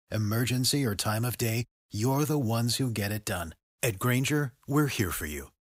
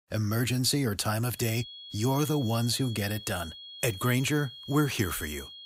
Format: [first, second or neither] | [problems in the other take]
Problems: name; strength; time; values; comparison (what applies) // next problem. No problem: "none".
first | high-pitched whine; noticeable; from 1.5 s on; 3.5 kHz, 15 dB below the speech